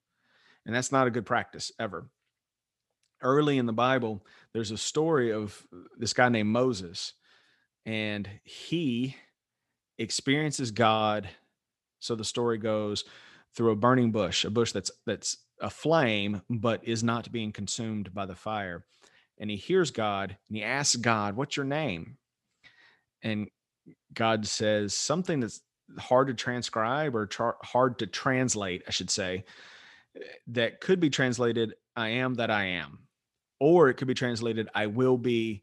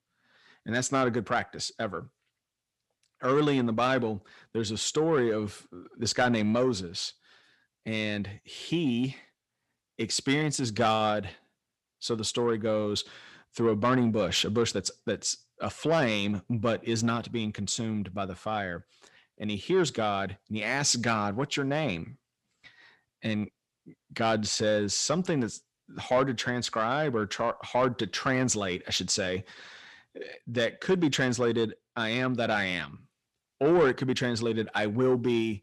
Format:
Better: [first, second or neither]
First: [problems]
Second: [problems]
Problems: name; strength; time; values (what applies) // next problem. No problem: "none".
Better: first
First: none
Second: distortion; slight; 10 dB below the speech